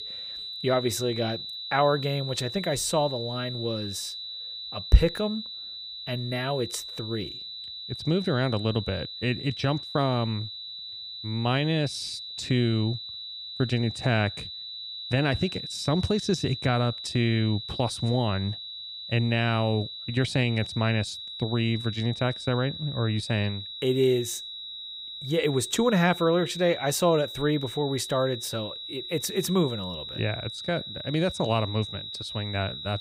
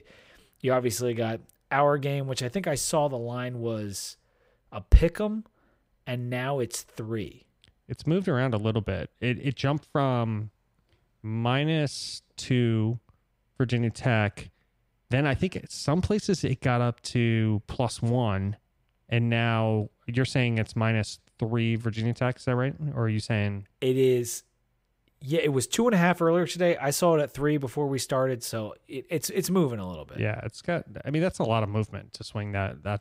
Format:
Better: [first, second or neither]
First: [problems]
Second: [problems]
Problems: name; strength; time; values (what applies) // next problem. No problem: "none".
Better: second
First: high-pitched whine; loud; throughout; 4 kHz, 8 dB below the speech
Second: none